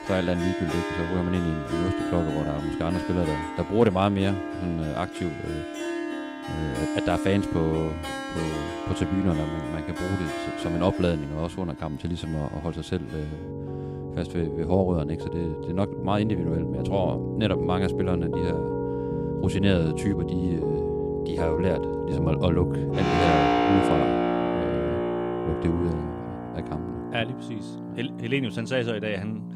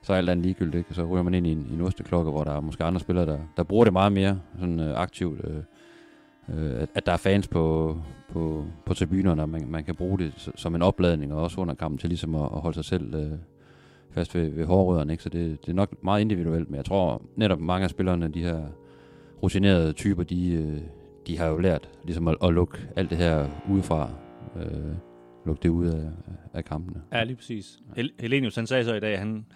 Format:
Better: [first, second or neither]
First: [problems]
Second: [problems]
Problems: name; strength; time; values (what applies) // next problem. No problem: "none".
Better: second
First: background music; loud; throughout; 1 dB below the speech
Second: background music; faint; throughout; 25 dB below the speech